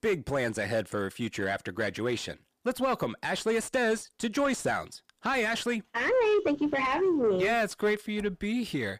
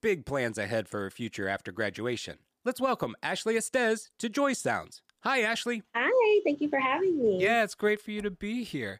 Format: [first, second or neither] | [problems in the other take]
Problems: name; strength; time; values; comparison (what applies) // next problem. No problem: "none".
second | distortion; slight; 10 dB below the speech